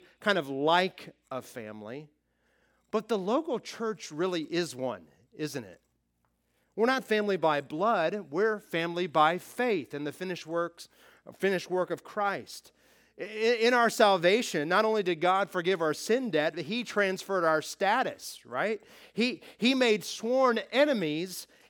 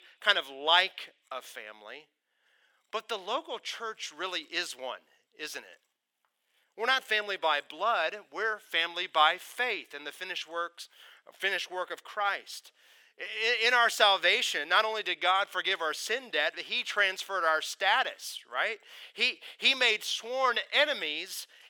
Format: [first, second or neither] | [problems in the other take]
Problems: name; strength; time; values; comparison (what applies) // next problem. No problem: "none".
first | thin; very; fading below 750 Hz